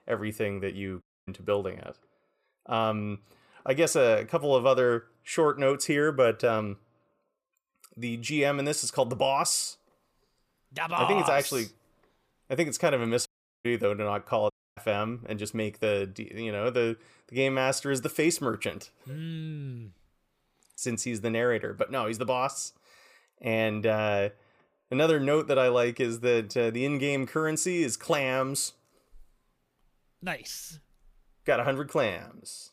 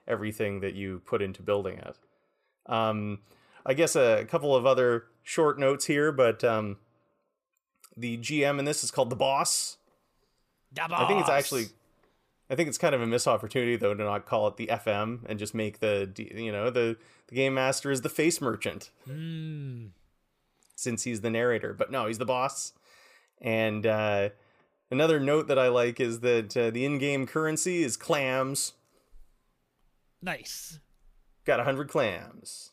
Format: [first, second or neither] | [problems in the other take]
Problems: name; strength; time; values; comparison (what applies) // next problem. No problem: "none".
second | audio cutting out; at 1 s, at 13 s and at 15 s